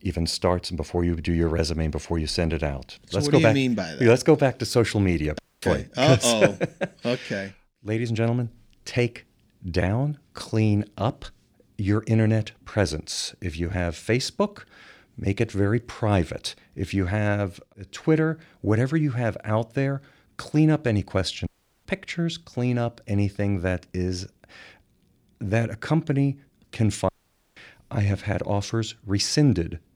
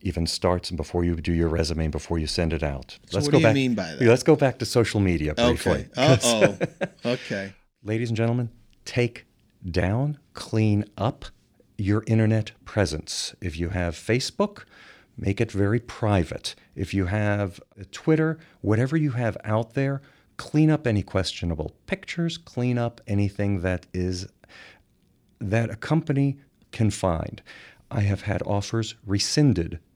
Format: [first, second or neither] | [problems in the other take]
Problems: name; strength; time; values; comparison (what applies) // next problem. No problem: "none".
second | audio cutting out; at 5.5 s, at 21 s and at 27 s